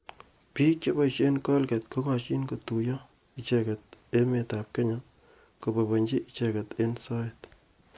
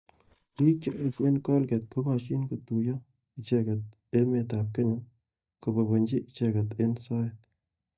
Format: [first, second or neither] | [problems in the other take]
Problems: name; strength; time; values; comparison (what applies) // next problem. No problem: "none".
first | noise reduction (neural mask model DeepFilterNet 3)